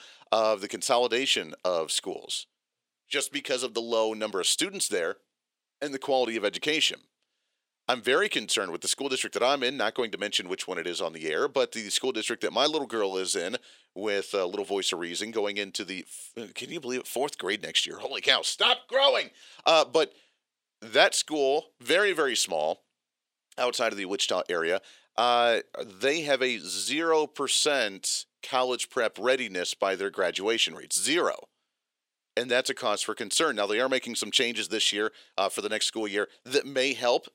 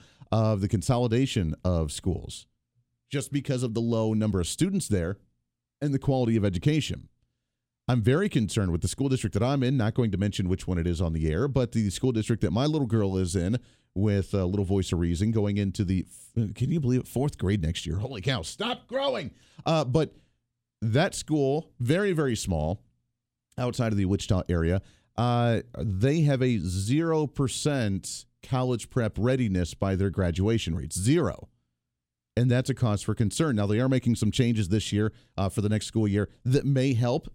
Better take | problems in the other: second | thin; very; fading below 450 Hz

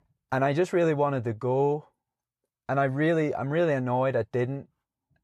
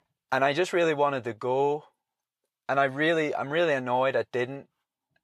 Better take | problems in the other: first | thin; somewhat; fading below 1 kHz

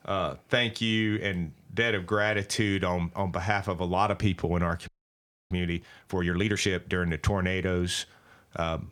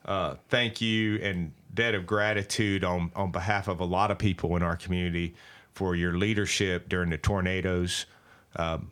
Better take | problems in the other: second | audio freezing; at 5 s for 0.5 s

